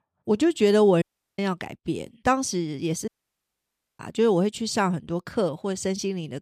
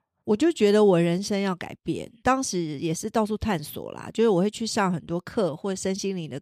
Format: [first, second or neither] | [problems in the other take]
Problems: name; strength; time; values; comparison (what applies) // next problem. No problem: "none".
second | audio cutting out; at 1 s and at 3 s for 1 s